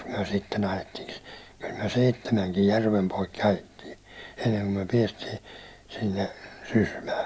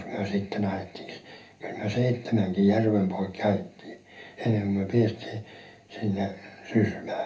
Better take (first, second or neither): first